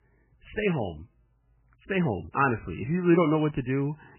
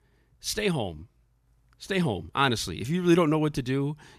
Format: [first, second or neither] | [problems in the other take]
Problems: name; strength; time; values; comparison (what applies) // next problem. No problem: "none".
second | garbled, watery; badly; nothing above 3 kHz